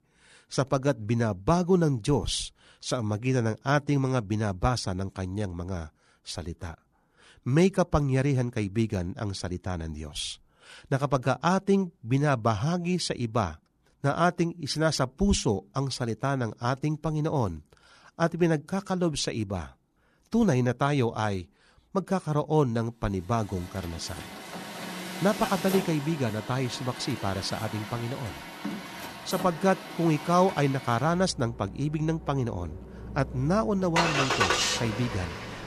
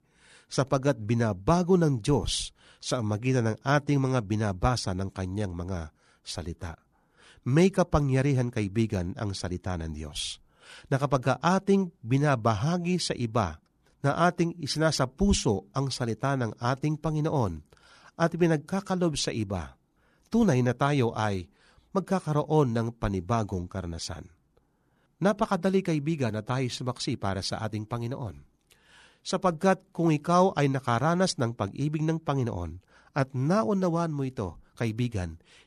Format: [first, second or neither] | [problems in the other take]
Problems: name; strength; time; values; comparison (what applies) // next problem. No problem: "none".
second | traffic noise; loud; from 24 s on; 5 dB below the speech